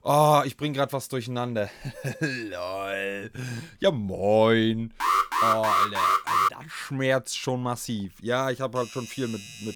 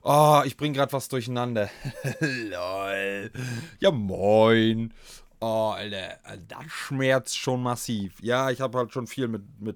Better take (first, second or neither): second